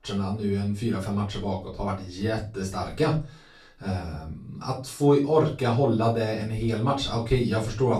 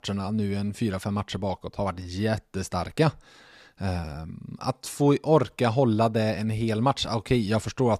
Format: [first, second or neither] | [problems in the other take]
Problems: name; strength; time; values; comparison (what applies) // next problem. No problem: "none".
second | off-mic speech; far // room echo; slight; dies away in 0.3 s